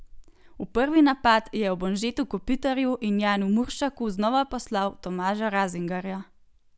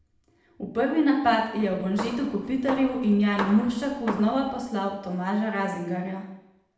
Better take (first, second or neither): first